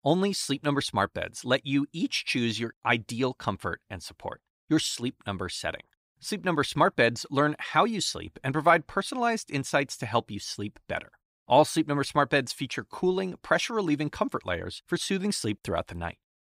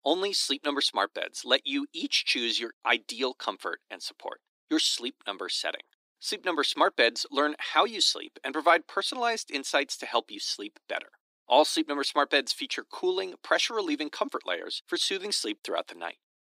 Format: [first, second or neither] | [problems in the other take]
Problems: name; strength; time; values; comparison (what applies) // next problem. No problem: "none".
first | thin; very slightly; fading below 300 Hz